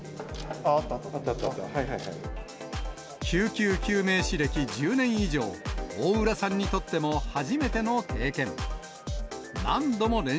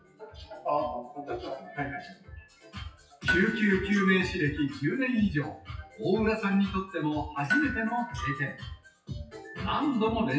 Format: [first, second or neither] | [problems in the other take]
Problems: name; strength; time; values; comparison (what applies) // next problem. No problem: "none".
first | noise reduction (classical method WPE with log-MMSE)